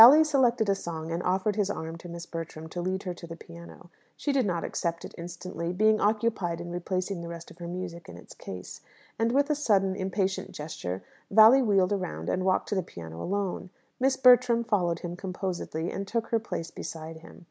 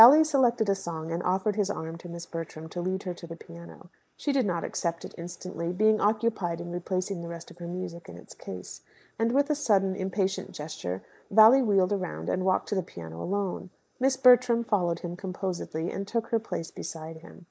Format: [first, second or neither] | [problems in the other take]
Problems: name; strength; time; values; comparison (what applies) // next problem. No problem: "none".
first | noise reduction (neural mask model Resemble Enhance denoiser)